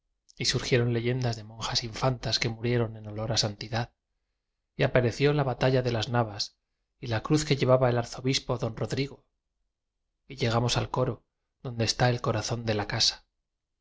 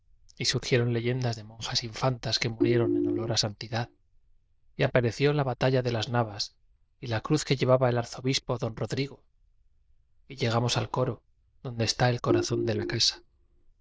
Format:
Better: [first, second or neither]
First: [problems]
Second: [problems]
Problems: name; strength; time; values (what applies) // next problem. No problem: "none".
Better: first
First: none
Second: noise reduction (neural diffusion model UNIVERSE++)